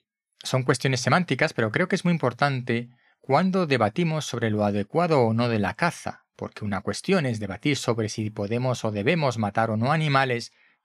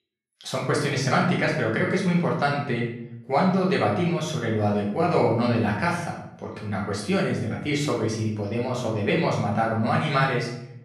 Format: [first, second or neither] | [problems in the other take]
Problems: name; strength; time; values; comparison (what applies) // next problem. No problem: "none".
first | room echo; noticeable; dies away in 0.6 s // off-mic speech; far